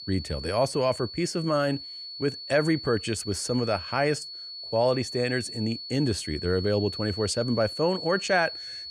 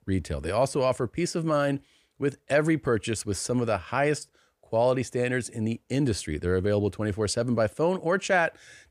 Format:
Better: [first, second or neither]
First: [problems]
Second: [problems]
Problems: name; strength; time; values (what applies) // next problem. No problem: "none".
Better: second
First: high-pitched whine; loud; throughout; 4.5 kHz, 9 dB below the speech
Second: none